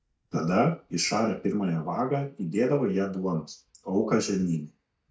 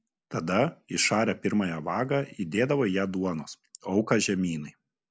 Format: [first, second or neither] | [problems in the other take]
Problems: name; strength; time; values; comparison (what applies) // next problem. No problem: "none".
second | noise reduction (neural mask model DeepFilterNet 3)